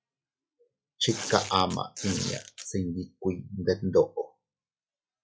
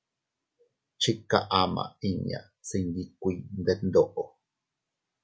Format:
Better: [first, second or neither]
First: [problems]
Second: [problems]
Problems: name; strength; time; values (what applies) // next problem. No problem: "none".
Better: second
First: noise reduction (classical method log-MMSE)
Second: none